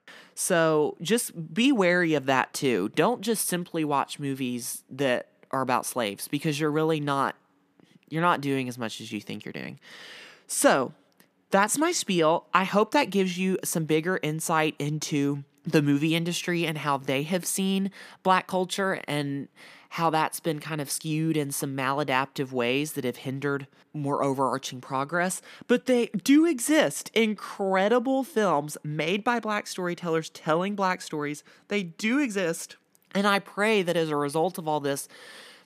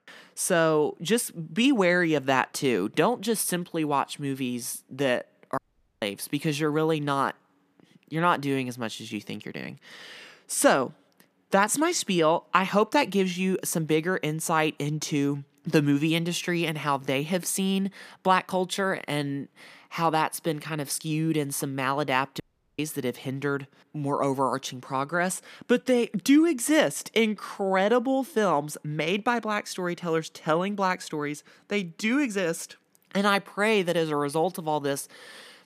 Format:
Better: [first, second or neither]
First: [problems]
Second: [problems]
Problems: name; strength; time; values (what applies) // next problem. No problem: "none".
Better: first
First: none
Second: audio cutting out; at 5.5 s and at 22 s